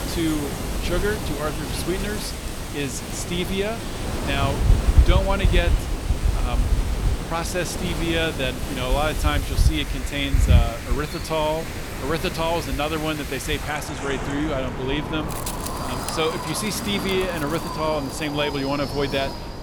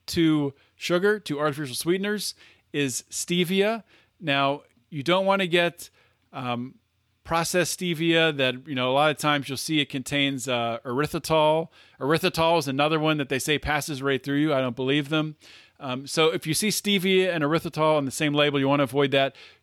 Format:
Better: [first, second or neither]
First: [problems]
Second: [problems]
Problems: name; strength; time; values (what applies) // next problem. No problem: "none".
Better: second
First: wind in the background; loud; throughout; as loud as the speech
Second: none